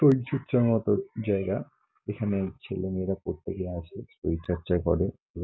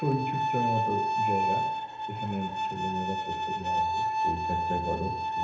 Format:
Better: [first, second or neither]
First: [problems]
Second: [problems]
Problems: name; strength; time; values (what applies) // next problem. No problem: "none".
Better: first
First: none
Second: background sound (Bowed string instrument); 5 dB above the speech // room echo; dies away in 0.9 s